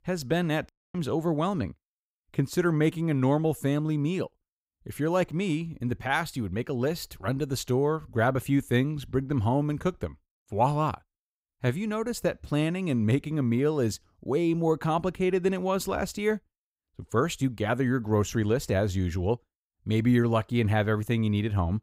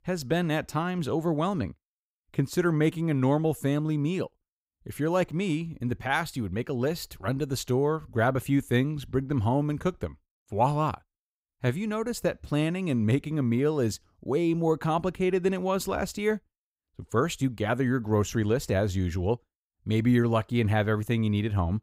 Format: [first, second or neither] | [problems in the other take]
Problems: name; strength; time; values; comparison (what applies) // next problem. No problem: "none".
second | audio cutting out; at 0.5 s